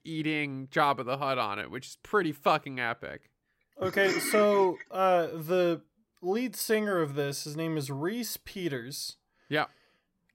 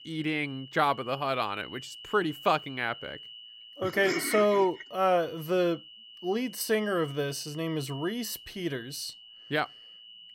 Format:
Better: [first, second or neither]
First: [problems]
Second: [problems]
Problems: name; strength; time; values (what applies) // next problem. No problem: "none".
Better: first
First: none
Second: high-pitched whine; noticeable; throughout; 3 kHz, 15 dB below the speech